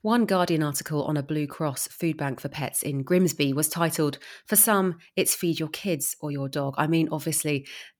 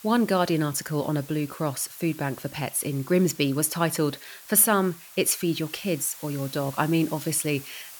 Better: first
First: none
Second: hiss; noticeable; throughout; 20 dB below the speech

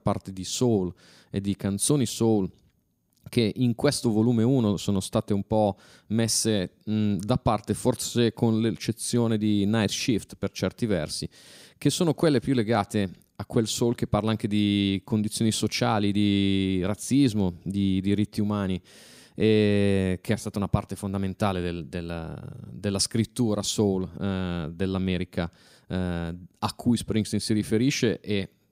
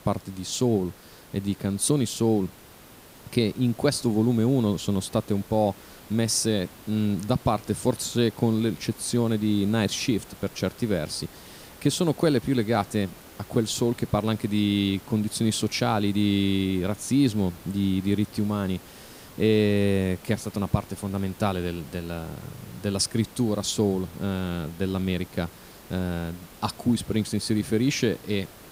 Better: first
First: none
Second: hiss; faint; throughout; 20 dB below the speech

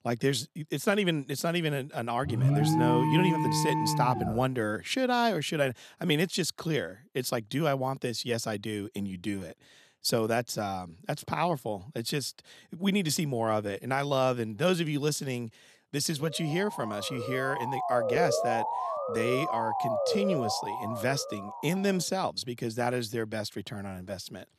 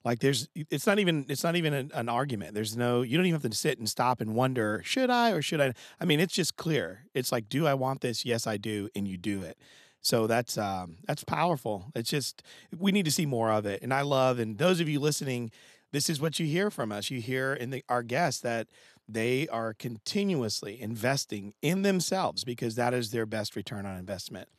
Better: second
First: alarm; loud; from 2.5 to 4.5 s; peak 5 dB above the speech // siren; loud; from 16 to 22 s; peak 2 dB above the speech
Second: none

